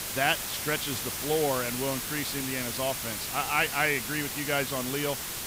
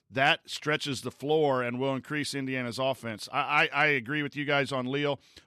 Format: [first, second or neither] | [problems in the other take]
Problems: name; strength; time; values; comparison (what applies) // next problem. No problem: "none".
second | hiss; loud; throughout; 2 dB below the speech